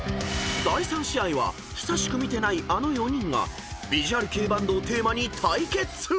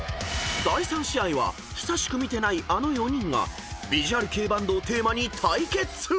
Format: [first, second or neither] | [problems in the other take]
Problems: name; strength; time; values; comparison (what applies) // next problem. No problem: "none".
second | background sound (Acoustic guitar / Strum); 10 dB below the speech